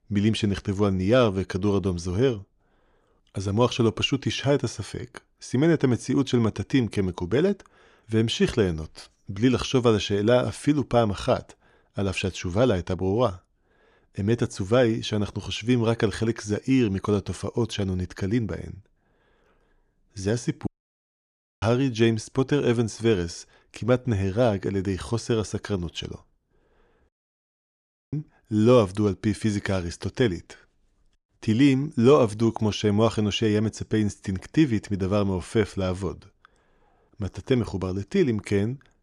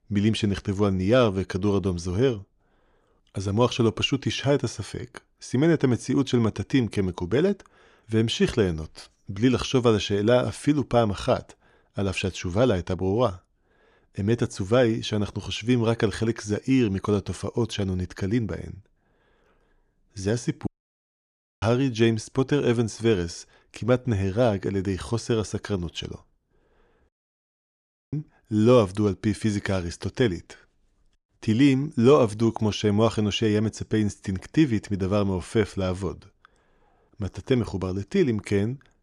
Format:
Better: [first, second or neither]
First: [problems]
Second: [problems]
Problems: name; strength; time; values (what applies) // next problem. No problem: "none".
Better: neither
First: audio cutting out; at 21 s for 1 s and at 27 s for 1 s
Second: audio cutting out; at 21 s for 1 s and at 27 s for 1 s